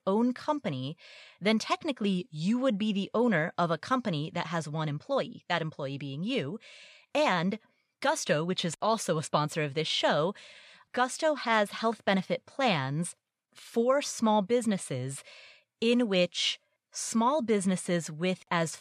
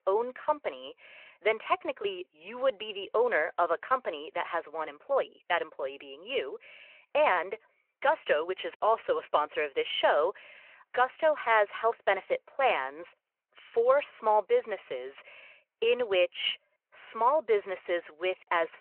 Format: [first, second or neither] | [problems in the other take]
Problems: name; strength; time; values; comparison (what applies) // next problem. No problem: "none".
first | phone-call audio